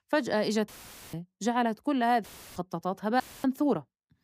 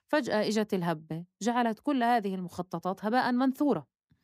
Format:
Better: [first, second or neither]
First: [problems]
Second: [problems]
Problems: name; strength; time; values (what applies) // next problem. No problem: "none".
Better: second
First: audio cutting out; filled with static; at 0.5 s, at 2 s and at 3 s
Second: none